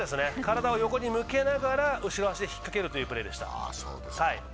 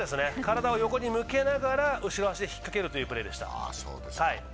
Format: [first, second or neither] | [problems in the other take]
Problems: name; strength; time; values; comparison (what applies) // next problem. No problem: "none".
second | background sound (Harmonica); 20 dB below the speech